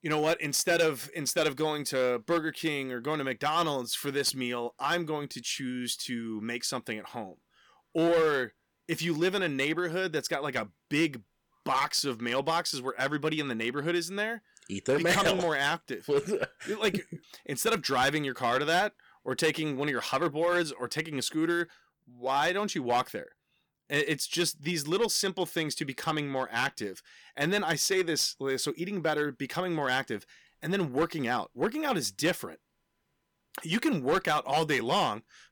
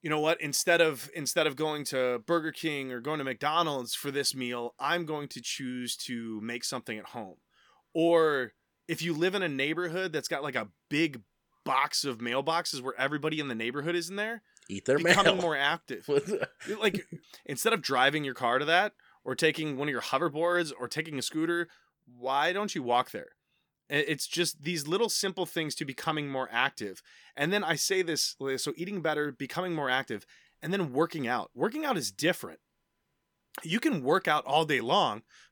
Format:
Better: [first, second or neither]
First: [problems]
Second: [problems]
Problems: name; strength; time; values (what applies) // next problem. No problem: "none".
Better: second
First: distortion; slight; 4% of the sound clipped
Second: none